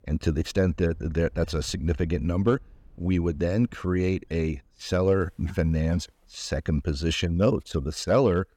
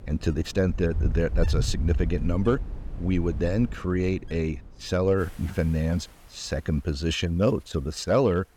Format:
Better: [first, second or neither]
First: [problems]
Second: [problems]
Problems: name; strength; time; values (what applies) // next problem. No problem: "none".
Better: first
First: wind in the background; faint; throughout; 25 dB below the speech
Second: wind in the background; loud; throughout; 6 dB below the speech